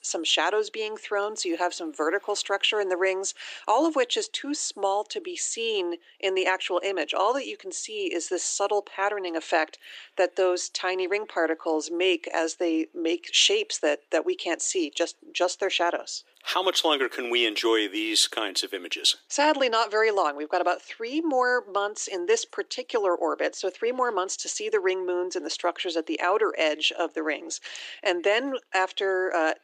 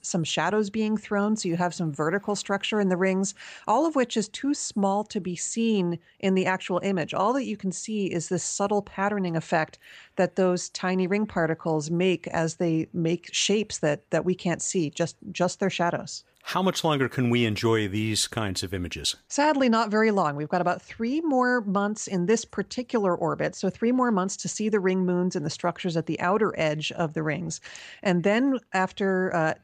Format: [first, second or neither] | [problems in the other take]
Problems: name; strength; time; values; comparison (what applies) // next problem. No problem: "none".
second | thin; very; fading below 300 Hz